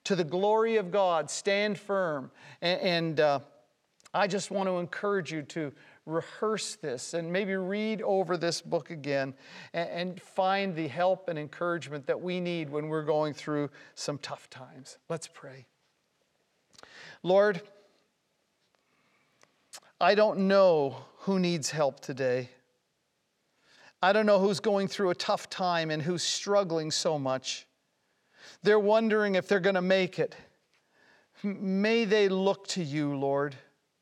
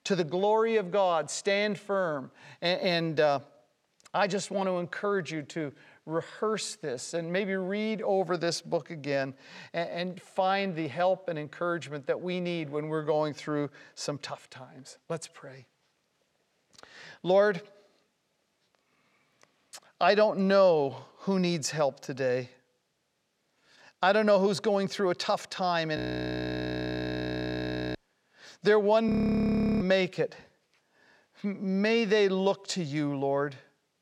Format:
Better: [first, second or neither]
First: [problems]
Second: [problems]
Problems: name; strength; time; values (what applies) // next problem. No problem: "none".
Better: first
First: none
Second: audio freezing; at 26 s for 2 s and at 29 s for 0.5 s